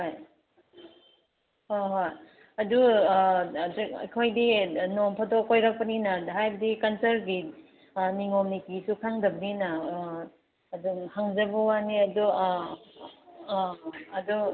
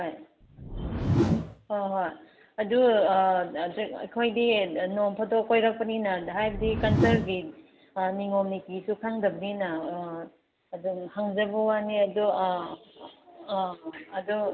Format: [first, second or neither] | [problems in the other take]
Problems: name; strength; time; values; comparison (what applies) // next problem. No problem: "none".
first | background sound (Whoosh, swoosh, swish); 3 dB below the speech